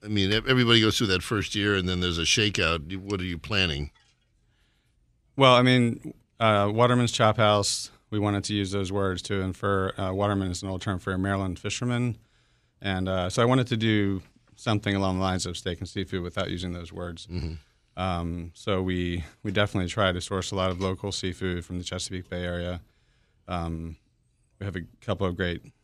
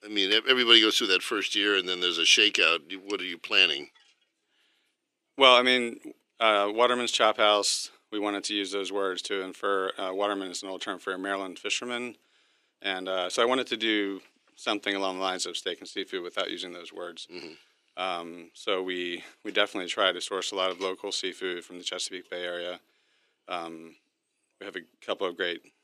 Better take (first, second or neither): first